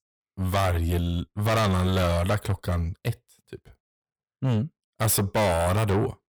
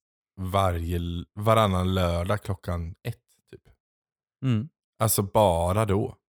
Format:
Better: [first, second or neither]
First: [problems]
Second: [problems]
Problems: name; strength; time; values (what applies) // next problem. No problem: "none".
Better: second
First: distortion; heavy; 5 dB below the speech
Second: none